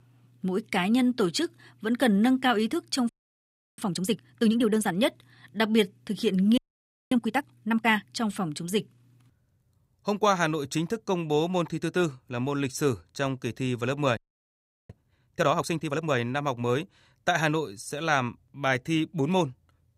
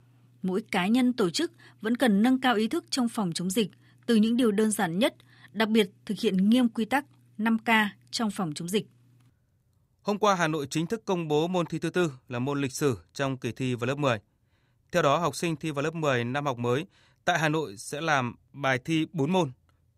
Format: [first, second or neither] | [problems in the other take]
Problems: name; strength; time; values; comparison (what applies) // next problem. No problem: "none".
second | audio freezing; at 3 s for 0.5 s, at 6.5 s for 0.5 s and at 14 s for 0.5 s